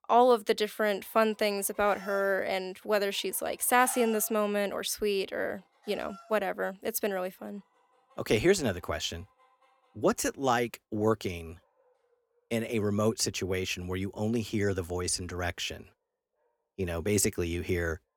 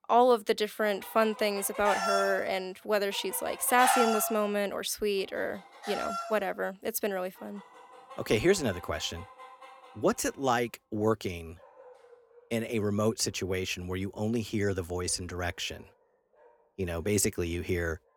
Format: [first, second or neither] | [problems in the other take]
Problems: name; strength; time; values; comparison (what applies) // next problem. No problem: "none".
first | animal sounds; loud; throughout; 5 dB below the speech; faint in the first